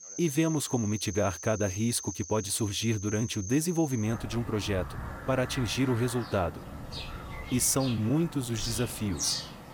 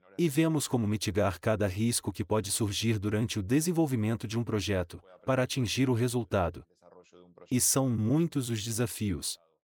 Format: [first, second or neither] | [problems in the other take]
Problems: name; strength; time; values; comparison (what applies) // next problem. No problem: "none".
second | animal sounds; loud; throughout; 9 dB below the speech